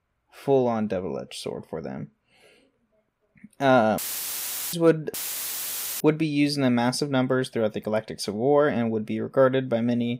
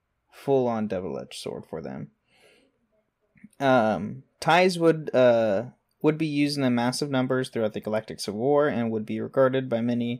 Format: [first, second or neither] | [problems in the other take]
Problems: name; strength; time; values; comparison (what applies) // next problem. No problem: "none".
second | audio cutting out; filled with static; at 4 s for 1 s and at 5 s for 1 s